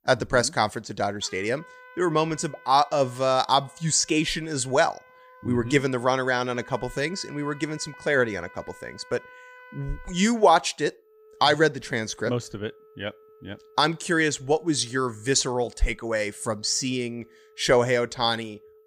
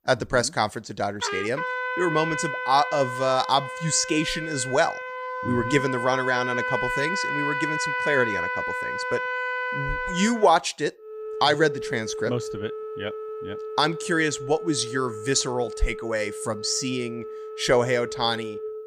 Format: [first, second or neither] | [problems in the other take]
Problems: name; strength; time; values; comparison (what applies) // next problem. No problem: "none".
first | background music; loud; throughout; 5 dB below the speech; faint in the first